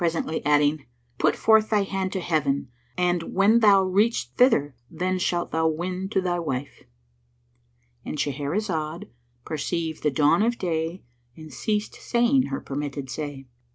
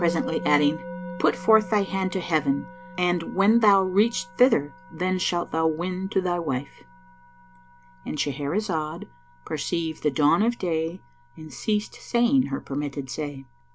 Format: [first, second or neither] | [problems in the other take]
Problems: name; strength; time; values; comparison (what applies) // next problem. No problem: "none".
first | background sound (Musical instrument); 15 dB below the speech